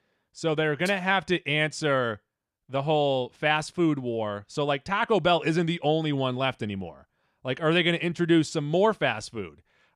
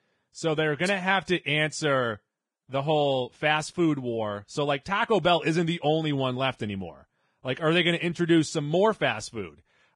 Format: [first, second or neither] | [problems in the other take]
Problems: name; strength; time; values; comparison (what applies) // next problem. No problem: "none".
first | garbled, watery; badly